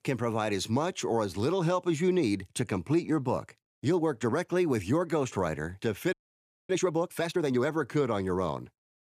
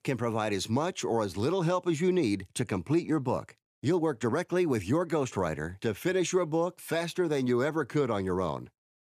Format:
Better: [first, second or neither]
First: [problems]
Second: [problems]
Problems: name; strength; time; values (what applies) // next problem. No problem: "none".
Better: second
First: audio freezing; at 6 s for 0.5 s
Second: none